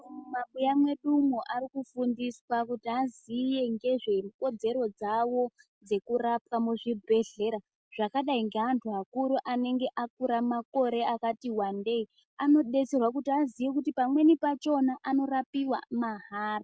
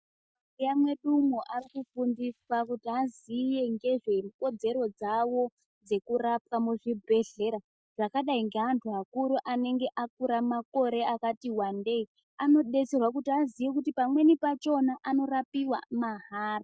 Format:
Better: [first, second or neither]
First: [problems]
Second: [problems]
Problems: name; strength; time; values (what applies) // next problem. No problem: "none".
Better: first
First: none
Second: noise reduction (neural mask model DeepFilterNet 3)